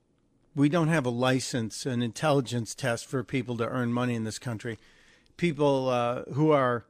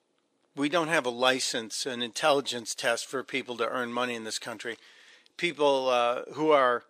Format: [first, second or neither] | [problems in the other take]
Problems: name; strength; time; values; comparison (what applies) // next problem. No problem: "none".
first | thin; somewhat; fading below 450 Hz